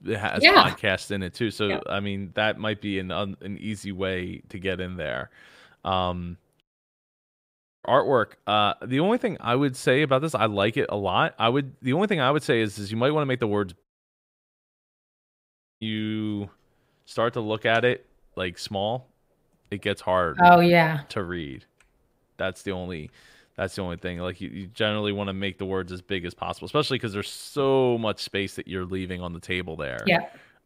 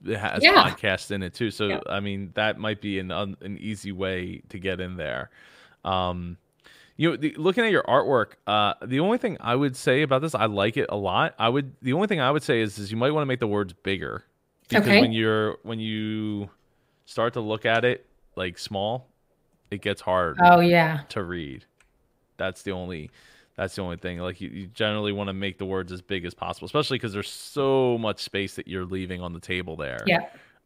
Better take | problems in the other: second | audio cutting out; at 6.5 s for 1 s and at 14 s for 2 s

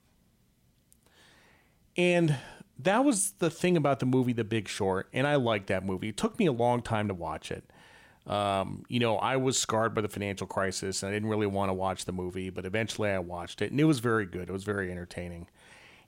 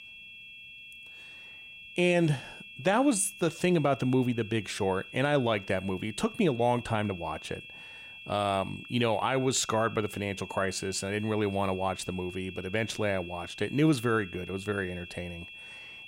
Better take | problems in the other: first | high-pitched whine; noticeable; throughout; 2.5 kHz, 15 dB below the speech

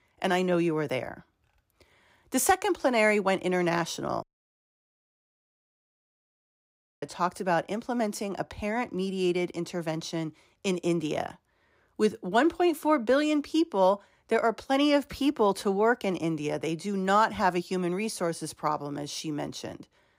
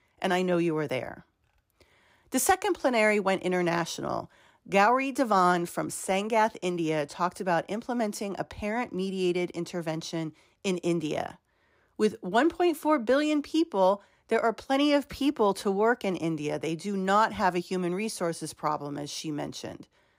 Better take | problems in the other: second | audio cutting out; at 4 s for 3 s

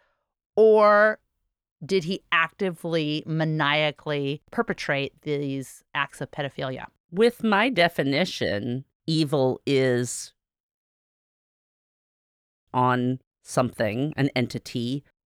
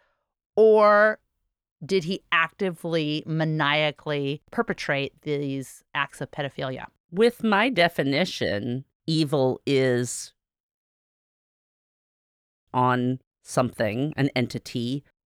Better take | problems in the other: neither | audio cutting out; at 11 s for 2 s; the same in both

